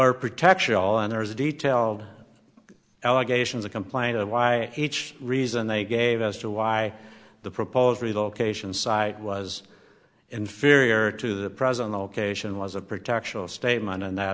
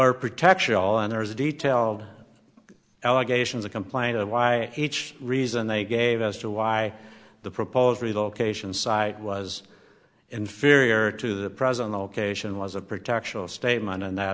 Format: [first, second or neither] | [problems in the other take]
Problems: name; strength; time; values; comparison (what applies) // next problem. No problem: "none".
first | background sound (Wind instrument, woodwind instrument); 18 dB below the speech